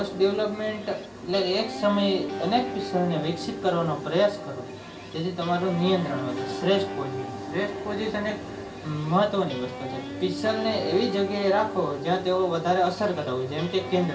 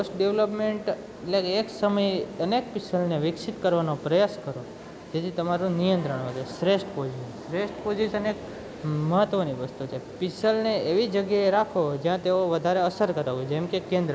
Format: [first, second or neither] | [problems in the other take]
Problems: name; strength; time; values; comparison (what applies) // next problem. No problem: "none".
second | background sound (Guitar); 10 dB below the speech // room echo; dies away in 0.3 s